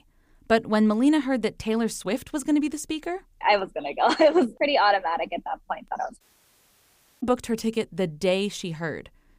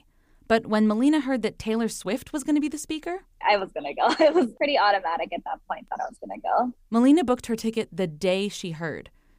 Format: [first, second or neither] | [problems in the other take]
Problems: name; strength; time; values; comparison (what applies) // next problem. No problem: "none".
second | audio cutting out; at 6 s for 1 s